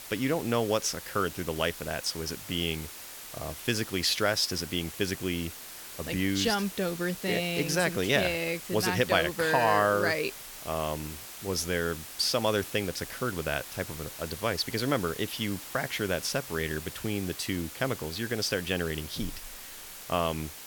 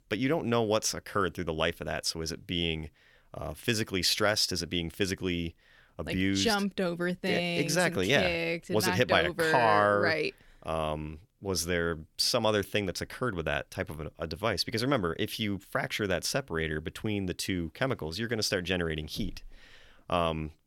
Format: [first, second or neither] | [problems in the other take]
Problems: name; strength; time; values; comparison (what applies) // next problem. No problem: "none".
second | hiss; noticeable; throughout; 10 dB below the speech